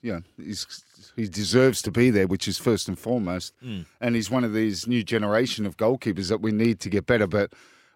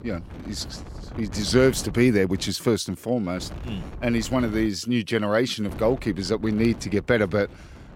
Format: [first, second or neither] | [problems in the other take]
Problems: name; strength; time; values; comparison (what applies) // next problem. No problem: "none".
first | wind noise on the microphone; occasional gusts; until 2.5 s, from 3.5 to 4.5 s and from 5.5 s on; 20 dB below the speech